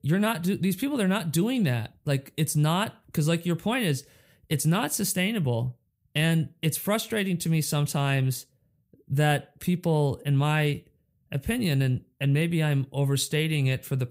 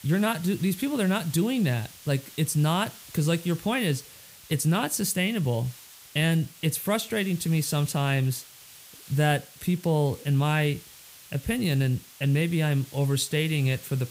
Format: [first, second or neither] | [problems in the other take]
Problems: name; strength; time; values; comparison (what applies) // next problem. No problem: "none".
first | hiss; noticeable; throughout; 20 dB below the speech